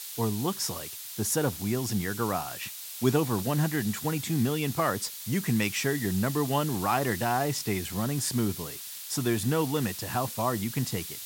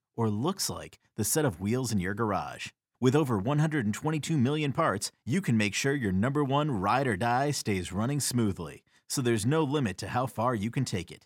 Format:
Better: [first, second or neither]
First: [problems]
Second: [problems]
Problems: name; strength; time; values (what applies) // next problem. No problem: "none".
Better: second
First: hiss; loud; throughout; 8 dB below the speech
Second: none